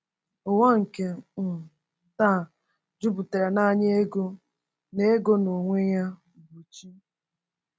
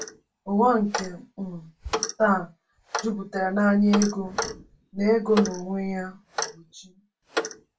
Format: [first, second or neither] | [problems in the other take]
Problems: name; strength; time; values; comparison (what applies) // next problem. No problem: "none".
first | background sound (Clock); 8 dB below the speech // room echo; dies away in 0.2 s